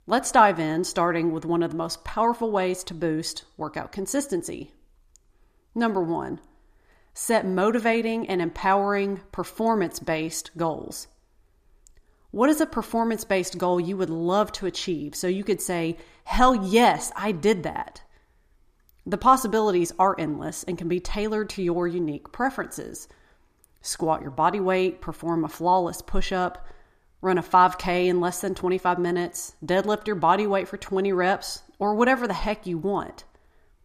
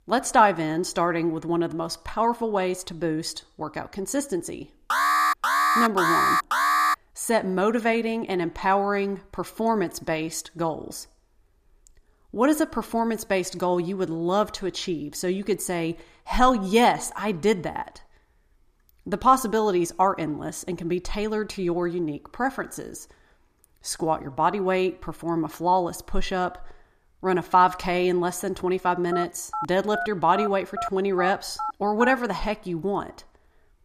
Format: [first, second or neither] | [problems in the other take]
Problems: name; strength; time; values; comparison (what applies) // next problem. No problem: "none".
first | alarm; loud; from 5 to 7 s; peak 5 dB above the speech // phone ringing; noticeable; from 29 to 32 s; peak 7 dB below the speech